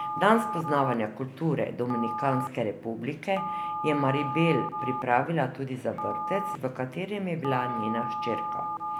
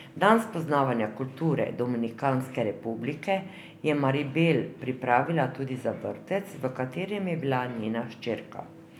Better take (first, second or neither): second